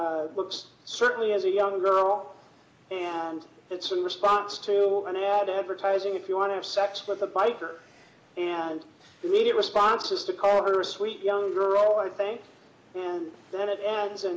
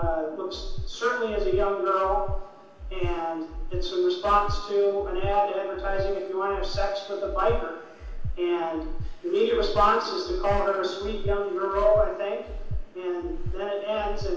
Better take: first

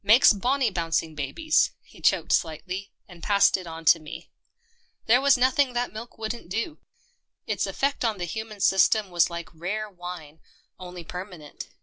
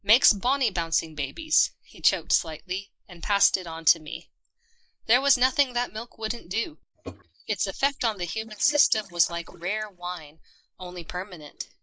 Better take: first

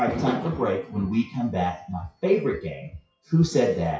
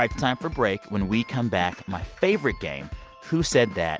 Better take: second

